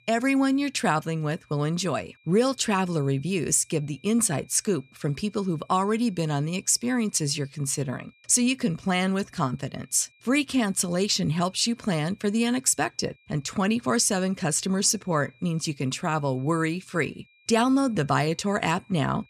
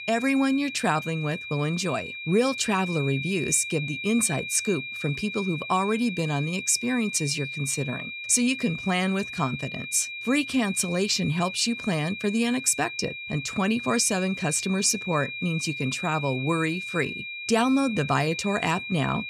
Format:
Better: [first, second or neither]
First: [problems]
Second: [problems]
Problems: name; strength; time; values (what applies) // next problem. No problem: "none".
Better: first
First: high-pitched whine; faint; throughout; 2.5 kHz, 35 dB below the speech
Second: high-pitched whine; loud; throughout; 2.5 kHz, 7 dB below the speech